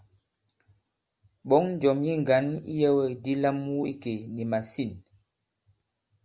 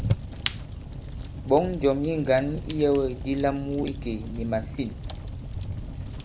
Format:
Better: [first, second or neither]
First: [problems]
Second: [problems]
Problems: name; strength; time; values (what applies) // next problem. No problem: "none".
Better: first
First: none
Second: background sound (Fire); 6 dB below the speech